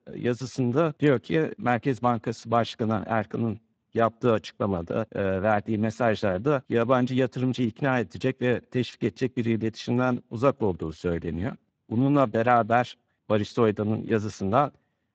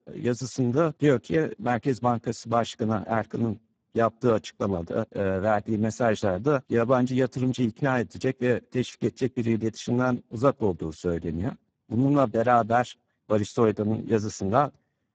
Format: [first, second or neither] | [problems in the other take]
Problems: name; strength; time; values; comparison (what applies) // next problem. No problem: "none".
first | garbled, watery; badly; nothing above 7.5 kHz; slightly in the first